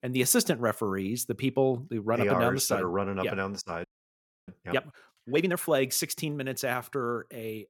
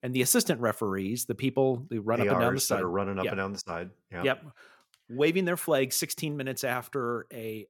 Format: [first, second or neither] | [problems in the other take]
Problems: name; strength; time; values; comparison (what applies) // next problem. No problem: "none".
second | audio freezing; at 4 s for 0.5 s